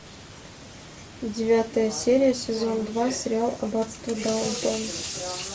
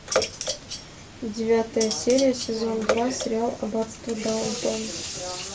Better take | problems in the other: first | background sound (Bathtub (filling or washing) / Water / Splash, splatter + Cutlery, silverware); 7 dB below the speech

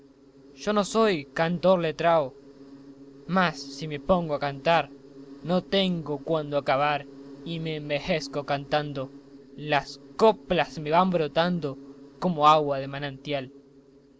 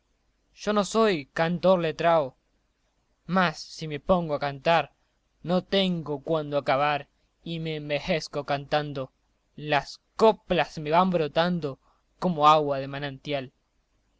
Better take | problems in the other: second | background sound (Insect); 20 dB below the speech

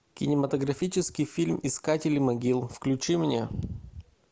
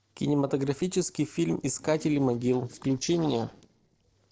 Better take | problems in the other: first | noise reduction (neural separator model SepFormer DNS4)

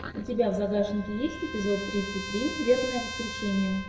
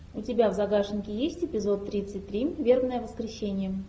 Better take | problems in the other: second | background sound (Trumpet); 10 dB below the speech // room echo; dies away in 0.8 s

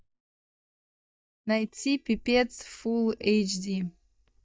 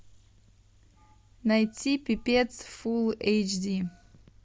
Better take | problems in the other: second | noise reduction (neural mask model DeepFilterNet 3)

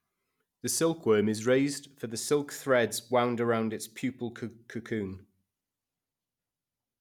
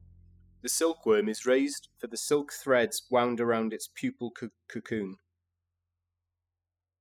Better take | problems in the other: first | noise reduction (classical method spectral subtraction)

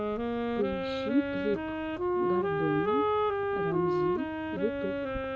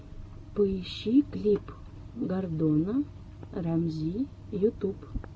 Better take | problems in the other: second | background sound (Wind instrument, woodwind instrument); 5 dB above the speech

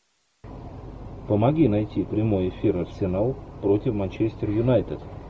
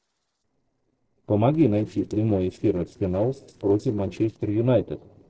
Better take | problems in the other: first | noise reduction (neural separator model SepFormer DNS4)

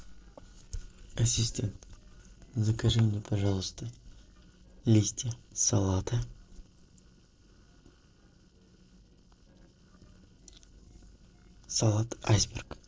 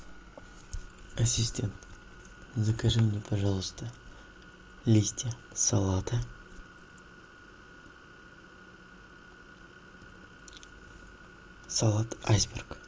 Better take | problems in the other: second | noise reduction (neural separator model SepFormer DNS4)

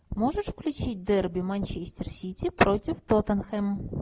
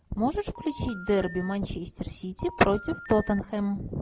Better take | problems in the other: first | background sound (Telephone); 16 dB below the speech

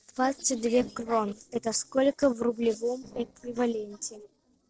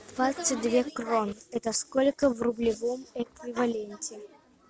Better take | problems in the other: second | noise reduction (neural separator model SepFormer DNS4)

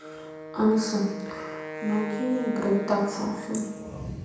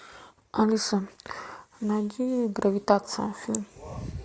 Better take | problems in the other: second | background sound (Wind instrument, woodwind instrument); 10 dB below the speech // room echo; dies away in 0.9 s

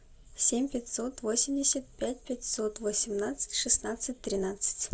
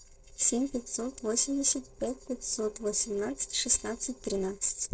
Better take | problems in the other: first | noise reduction (neural separator model SepFormer DNS4)

